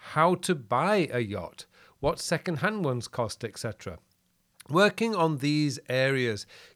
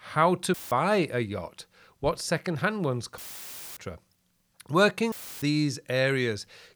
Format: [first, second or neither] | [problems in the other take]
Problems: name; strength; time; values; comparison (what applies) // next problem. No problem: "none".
first | audio cutting out; filled with static; at 0.5 s, at 3 s for 0.5 s and at 5 s